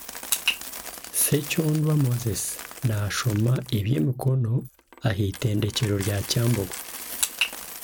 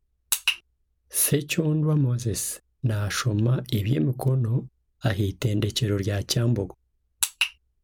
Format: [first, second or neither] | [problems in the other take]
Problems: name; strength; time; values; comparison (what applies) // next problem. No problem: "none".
second | background sound (Coin (dropping)); 14 dB below the speech